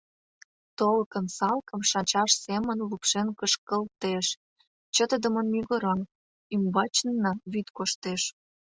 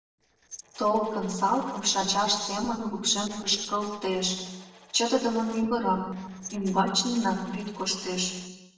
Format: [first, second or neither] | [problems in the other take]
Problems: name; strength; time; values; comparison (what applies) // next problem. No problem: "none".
first | noise reduction (neural separator model SepFormer DNS4)